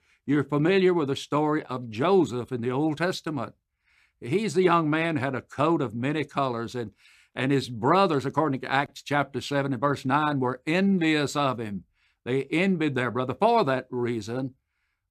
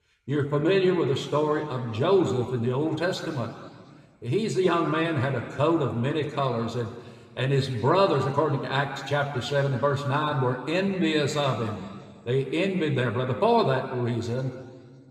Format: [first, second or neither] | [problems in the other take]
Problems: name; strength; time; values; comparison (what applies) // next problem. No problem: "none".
first | room echo; noticeable; dies away in 1.6 s